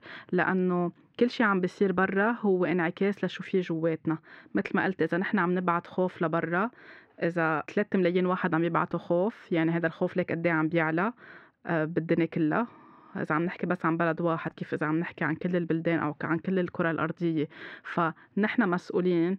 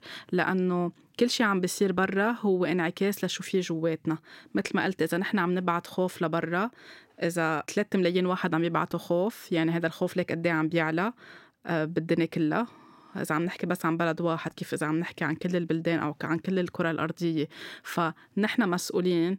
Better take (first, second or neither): second